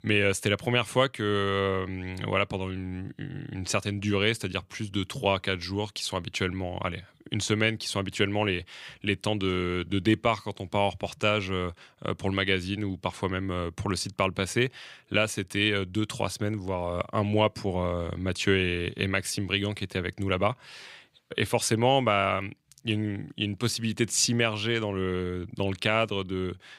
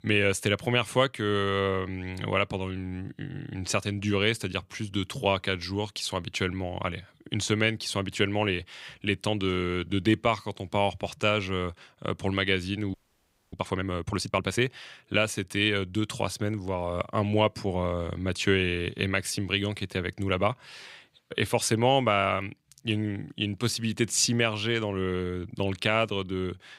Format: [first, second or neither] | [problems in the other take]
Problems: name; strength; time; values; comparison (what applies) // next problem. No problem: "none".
first | audio freezing; at 13 s for 0.5 s